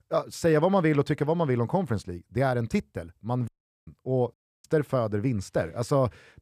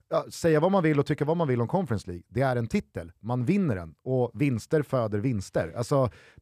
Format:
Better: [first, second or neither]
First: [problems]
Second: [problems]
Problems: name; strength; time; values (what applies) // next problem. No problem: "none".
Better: second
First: audio cutting out; at 3.5 s and at 4.5 s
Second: none